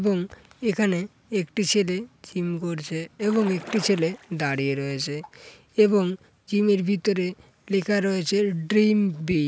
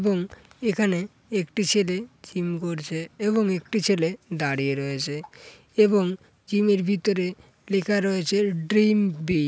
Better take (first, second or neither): second